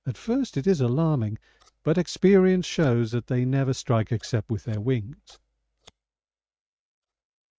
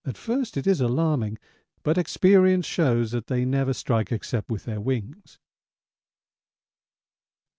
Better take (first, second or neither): second